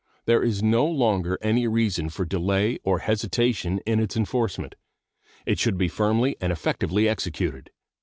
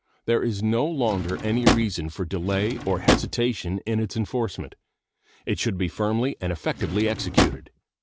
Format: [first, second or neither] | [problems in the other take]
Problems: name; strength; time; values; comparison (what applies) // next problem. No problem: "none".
first | background sound (Drawer open or close); 1 dB below the speech